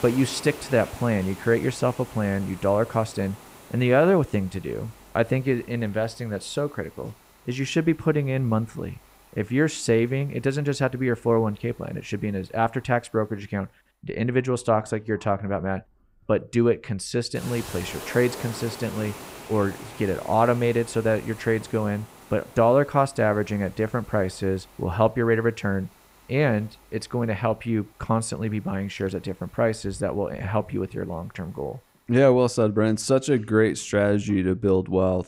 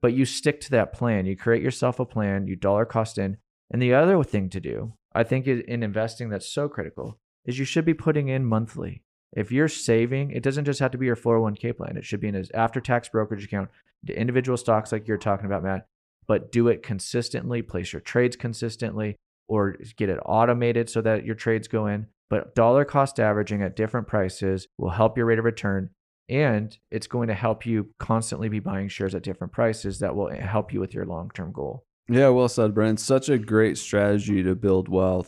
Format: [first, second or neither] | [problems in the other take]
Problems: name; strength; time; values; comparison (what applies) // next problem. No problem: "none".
second | hiss; noticeable; throughout; 20 dB below the speech